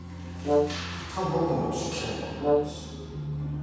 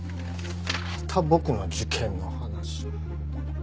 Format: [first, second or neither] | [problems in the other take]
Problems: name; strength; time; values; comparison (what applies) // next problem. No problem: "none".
second | background sound (Brass instrument); 2 dB above the speech // room echo; dies away in 2.1 s